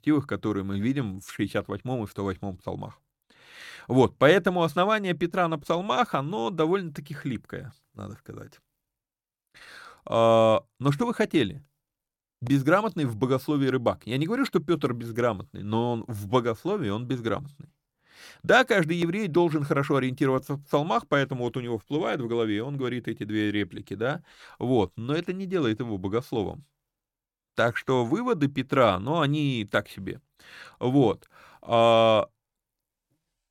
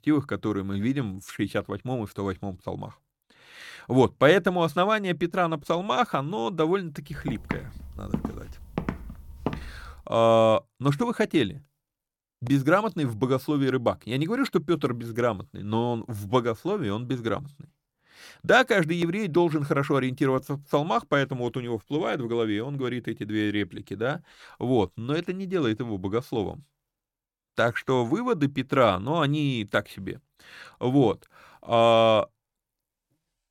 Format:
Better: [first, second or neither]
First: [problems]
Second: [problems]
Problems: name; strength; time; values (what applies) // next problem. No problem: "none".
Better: first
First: none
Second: footsteps; noticeable; from 7 to 9.5 s; peak 7 dB below the speech